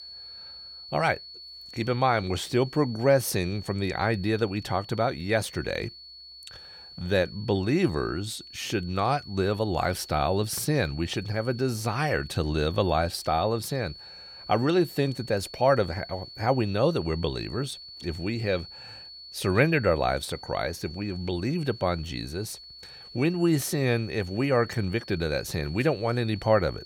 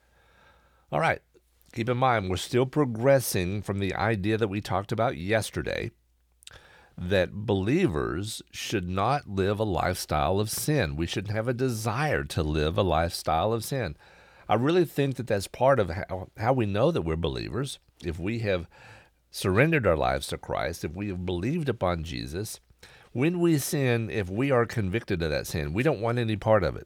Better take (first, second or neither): second